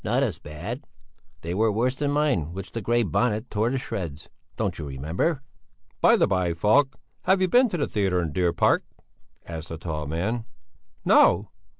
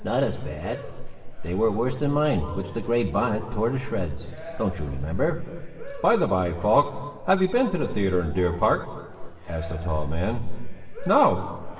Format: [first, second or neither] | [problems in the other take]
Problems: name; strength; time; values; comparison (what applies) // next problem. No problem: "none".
first | background sound (Cheering); 19 dB below the speech // room echo; dies away in 2.3 s